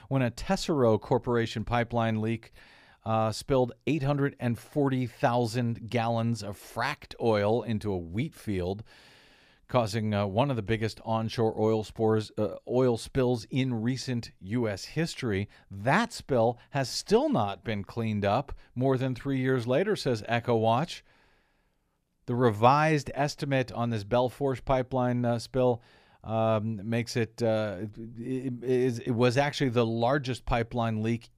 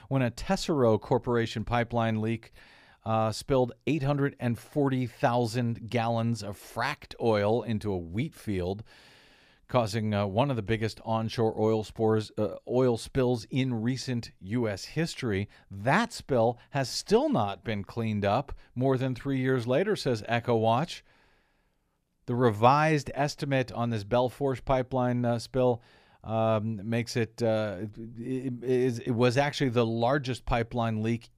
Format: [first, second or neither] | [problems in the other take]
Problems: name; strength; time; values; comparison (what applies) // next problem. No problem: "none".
neither | none